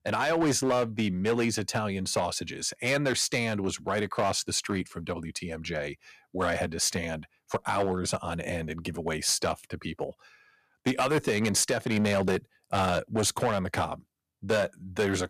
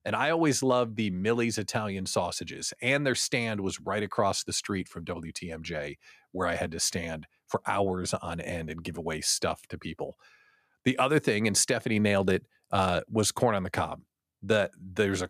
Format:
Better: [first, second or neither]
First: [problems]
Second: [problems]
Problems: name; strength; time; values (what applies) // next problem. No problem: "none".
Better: second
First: distortion; slight; 5% of the sound clipped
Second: none